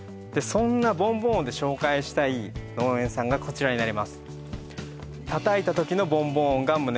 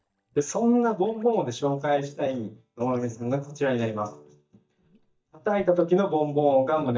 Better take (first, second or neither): first